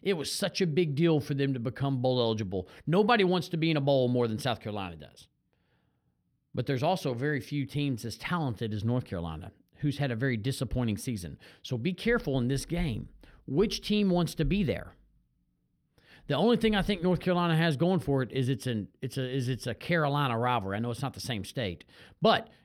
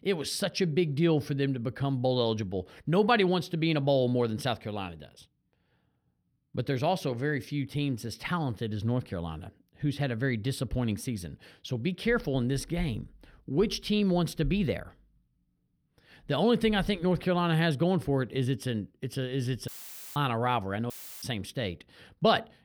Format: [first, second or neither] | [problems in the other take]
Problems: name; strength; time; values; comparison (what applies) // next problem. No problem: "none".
first | audio cutting out; filled with static; at 20 s and at 21 s